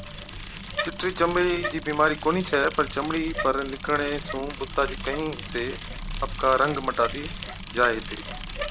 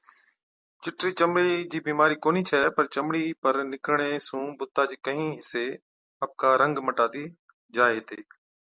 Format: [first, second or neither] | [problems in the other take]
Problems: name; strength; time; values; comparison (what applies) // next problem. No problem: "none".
second | background sound (Bicycle); 8 dB below the speech